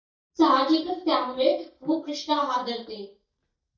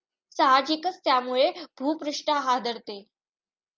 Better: second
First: noise reduction (neural mask model DeepFilterNet 3)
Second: none

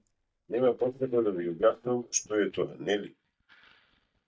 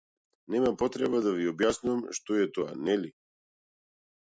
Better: second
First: noise reduction (neural mask model DeepFilterNet 3)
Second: none

